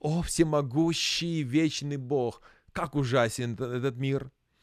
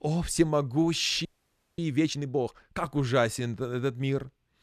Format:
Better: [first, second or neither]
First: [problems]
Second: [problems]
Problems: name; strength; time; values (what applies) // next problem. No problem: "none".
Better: first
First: none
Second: audio freezing; at 1.5 s for 0.5 s